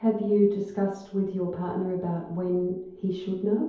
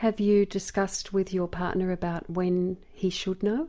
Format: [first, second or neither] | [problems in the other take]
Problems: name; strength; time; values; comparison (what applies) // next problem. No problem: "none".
second | room echo; dies away in 0.8 s